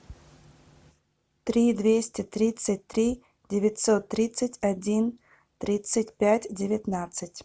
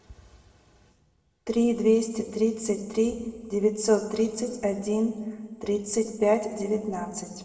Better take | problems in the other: first | room echo; dies away in 1.4 s

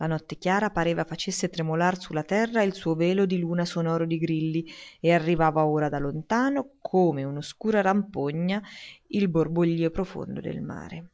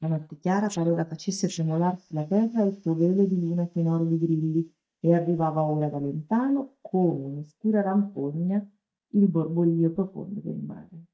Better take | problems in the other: first | noise reduction (neural mask model DeepFilterNet 3)

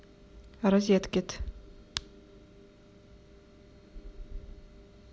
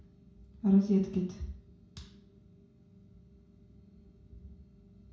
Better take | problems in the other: first | room echo; dies away in 0.6 s

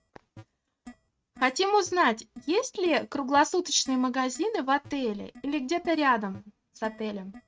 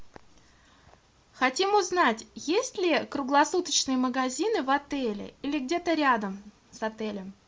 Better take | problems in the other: second | noise reduction (neural mask model RNNoise)

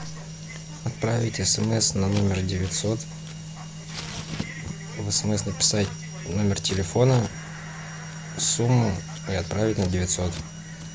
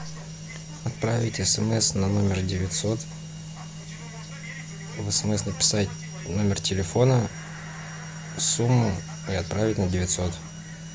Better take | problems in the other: second | background sound (Scissors); 18 dB below the speech

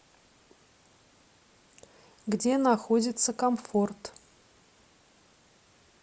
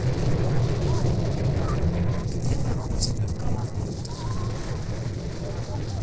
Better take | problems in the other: first | noise reduction (neural separator model SepFormer DNS4)

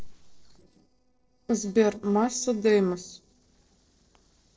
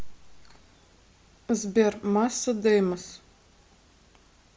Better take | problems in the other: second | noise reduction (neural separator model SepFormer DNS4)

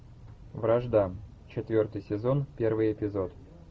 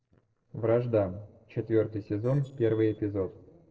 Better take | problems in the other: first | noise reduction (neural separator model SepFormer DNS4)

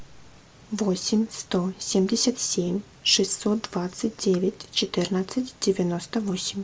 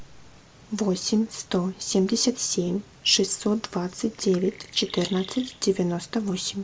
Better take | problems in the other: first | background sound (Chirp, tweet); 18 dB below the speech

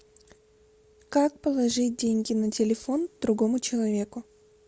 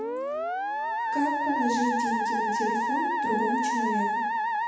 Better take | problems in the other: first | background sound (Musical instrument); 4 dB above the speech // room echo; dies away in 0.8 s

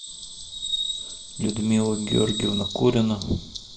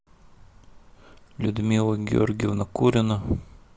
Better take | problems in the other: second | background sound (Bird vocalization, bird call, bird song); 7 dB below the speech // room echo; dies away in 0.5 s

